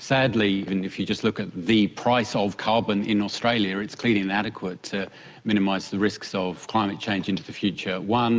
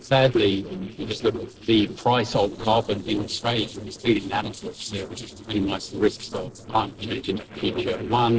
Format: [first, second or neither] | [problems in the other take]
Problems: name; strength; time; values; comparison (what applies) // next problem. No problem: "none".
first | noise reduction (neural separator model SepFormer DNS4)